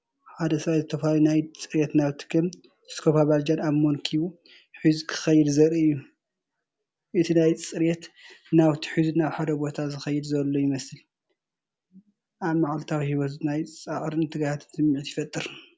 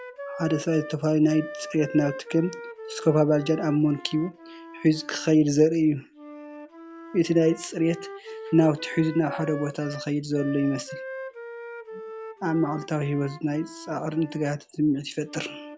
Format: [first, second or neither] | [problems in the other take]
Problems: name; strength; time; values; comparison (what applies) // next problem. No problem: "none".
first | background sound (Wind instrument, woodwind instrument); 14 dB below the speech